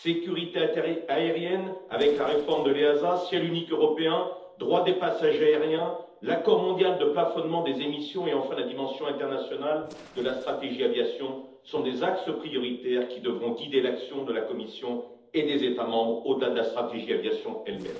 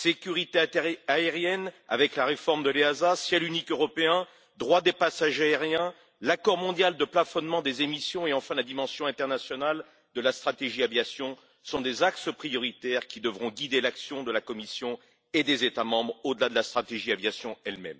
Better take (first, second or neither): second